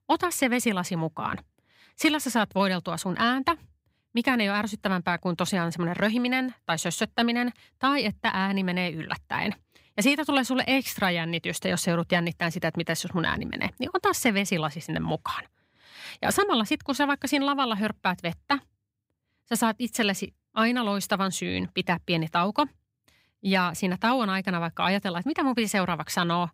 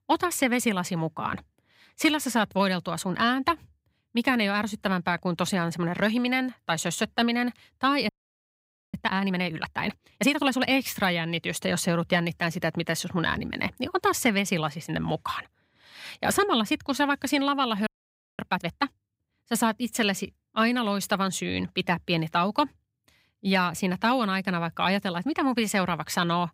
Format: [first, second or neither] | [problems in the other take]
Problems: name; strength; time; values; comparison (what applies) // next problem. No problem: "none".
first | audio freezing; at 8 s for 1 s and at 18 s for 0.5 s